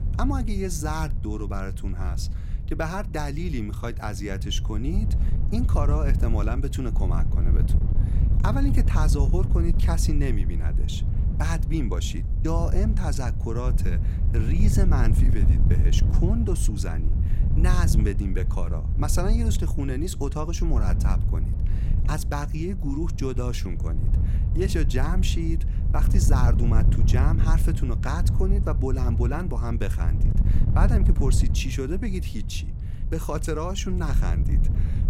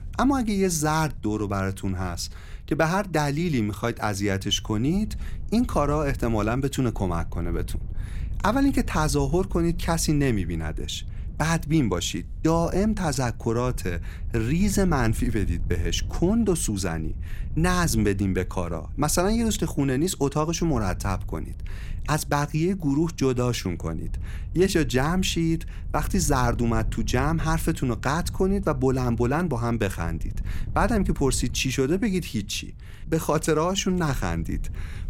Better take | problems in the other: second | wind noise on the microphone; heavy; 7 dB below the speech; occasional gusts in the second

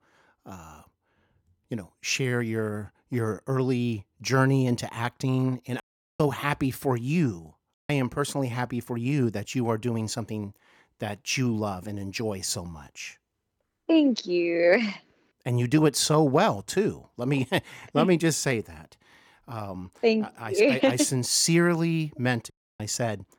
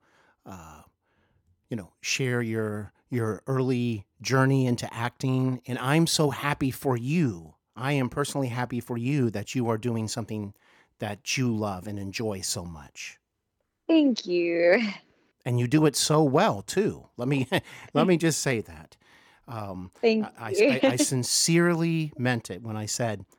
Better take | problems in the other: second | audio cutting out; at 6 s, at 7.5 s and at 23 s

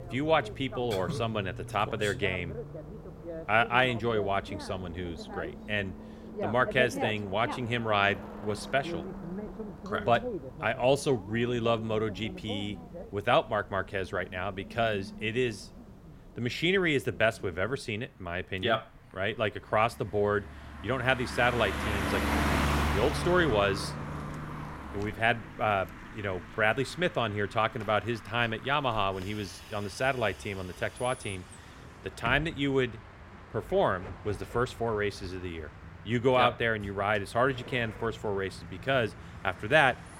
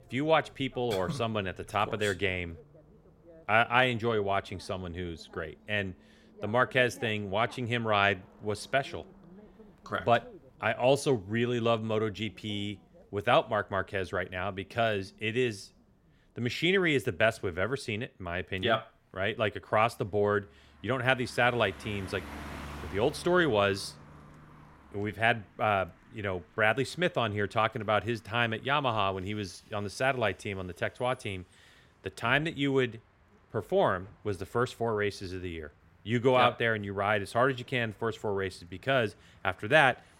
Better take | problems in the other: second | traffic noise; loud; throughout; 10 dB below the speech; faint in the second

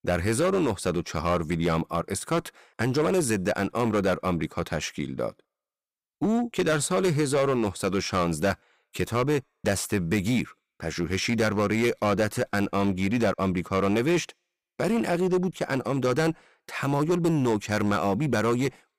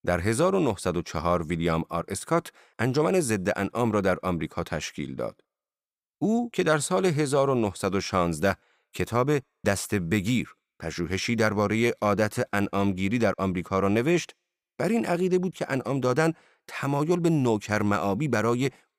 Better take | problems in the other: second | distortion; slight; 8% of the sound clipped

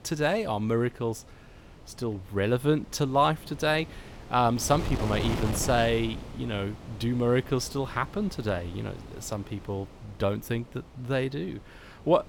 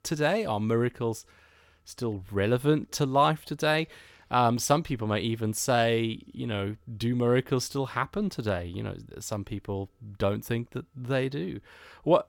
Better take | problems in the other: second | wind noise on the microphone; occasional gusts; 15 dB below the speech

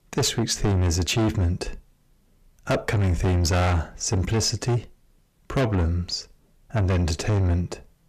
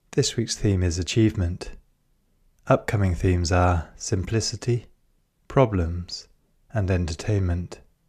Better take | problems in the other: second | distortion; heavy; 6 dB below the speech

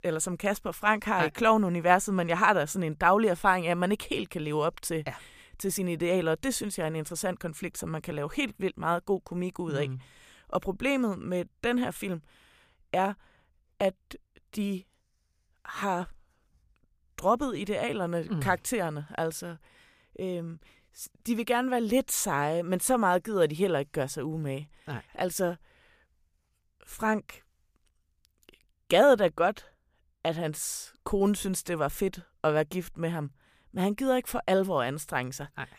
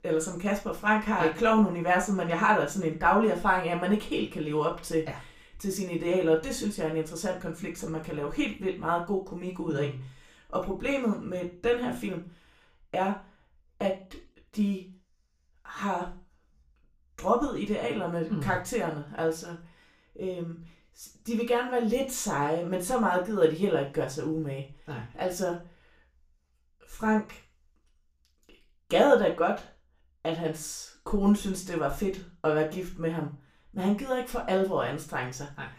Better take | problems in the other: first | room echo; slight; dies away in 0.3 s // off-mic speech; far

